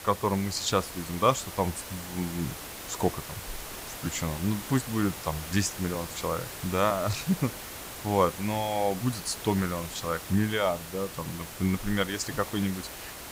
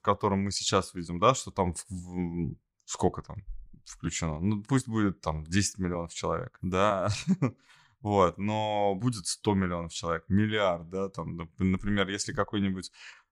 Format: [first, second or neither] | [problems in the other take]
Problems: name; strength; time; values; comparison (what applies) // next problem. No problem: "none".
second | hiss; loud; throughout; 9 dB below the speech